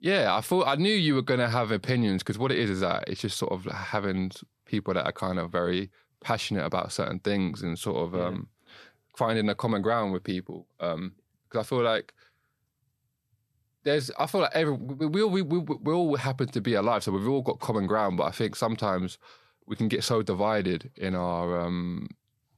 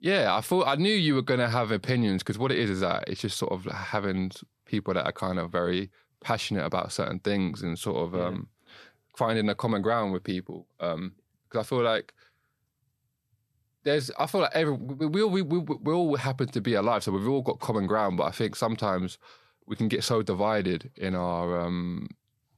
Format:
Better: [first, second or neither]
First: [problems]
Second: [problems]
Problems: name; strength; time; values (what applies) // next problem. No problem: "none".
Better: neither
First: none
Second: none